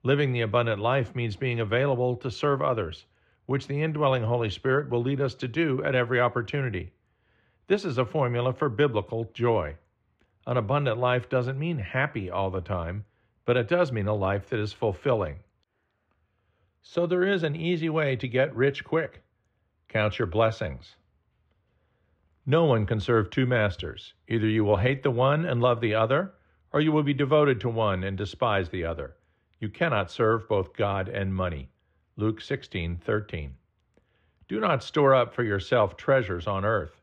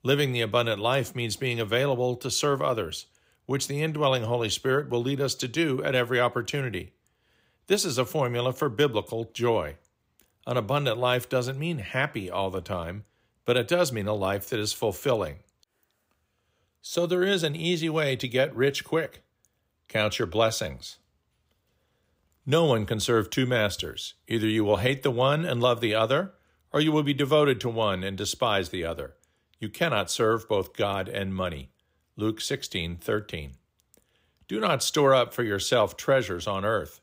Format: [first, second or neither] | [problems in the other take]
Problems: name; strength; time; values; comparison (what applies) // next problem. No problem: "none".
second | muffled; very; fading above 2 kHz